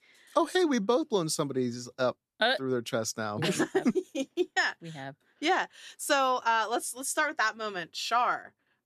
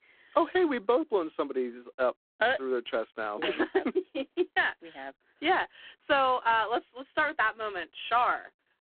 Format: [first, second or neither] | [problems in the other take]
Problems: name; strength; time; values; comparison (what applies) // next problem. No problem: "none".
first | phone-call audio; poor line